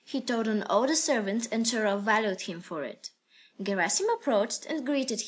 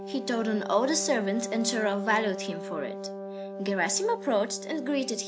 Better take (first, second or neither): first